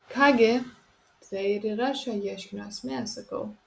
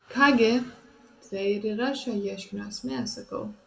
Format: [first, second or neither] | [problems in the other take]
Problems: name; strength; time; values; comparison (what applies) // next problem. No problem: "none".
first | room echo; dies away in 1.1 s